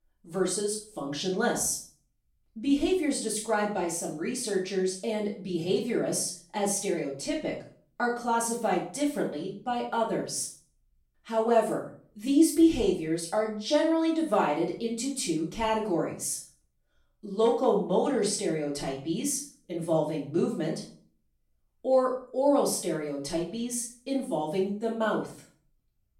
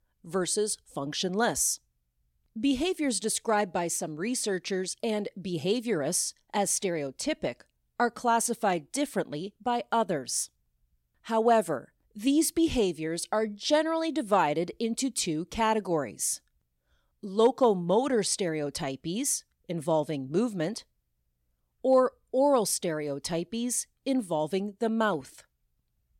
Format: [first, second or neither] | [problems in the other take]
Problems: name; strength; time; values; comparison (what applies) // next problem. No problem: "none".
second | room echo; noticeable; dies away in 0.4 s // off-mic speech; far